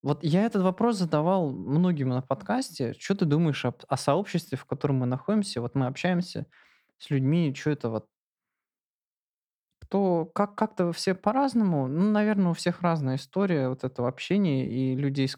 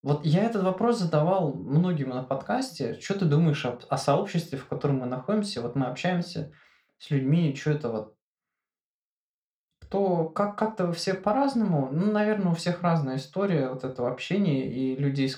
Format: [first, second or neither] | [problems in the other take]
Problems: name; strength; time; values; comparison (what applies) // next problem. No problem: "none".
first | room echo; very slight; dies away in 0.3 s